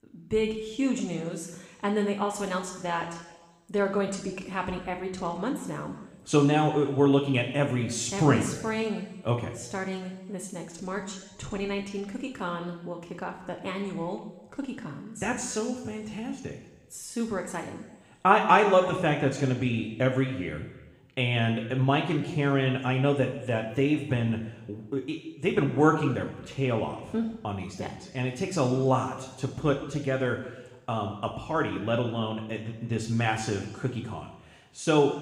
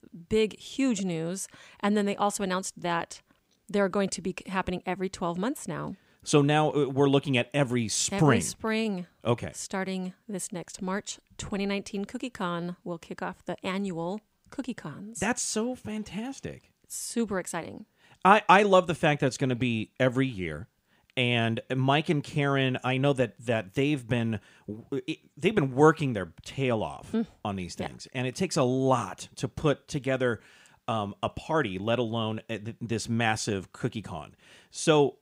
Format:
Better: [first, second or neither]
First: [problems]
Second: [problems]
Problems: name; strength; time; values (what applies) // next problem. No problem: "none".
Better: second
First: room echo; noticeable; dies away in 1.1 s // off-mic speech; somewhat distant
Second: none